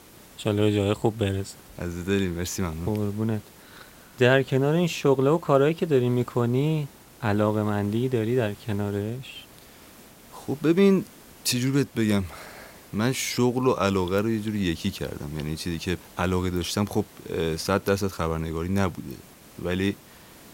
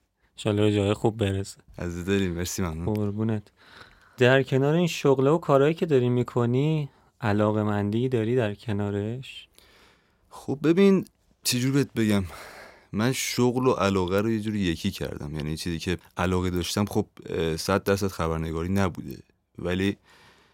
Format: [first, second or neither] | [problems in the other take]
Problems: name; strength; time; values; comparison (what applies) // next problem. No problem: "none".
second | hiss; faint; throughout; 25 dB below the speech